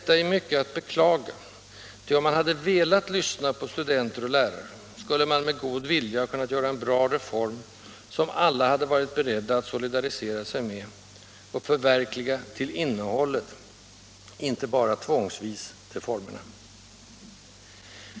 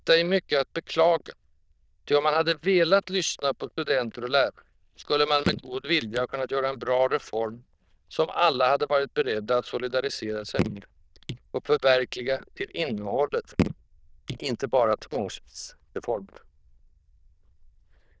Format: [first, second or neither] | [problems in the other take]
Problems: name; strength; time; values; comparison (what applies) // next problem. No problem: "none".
first | noise reduction (neural diffusion model UNIVERSE++)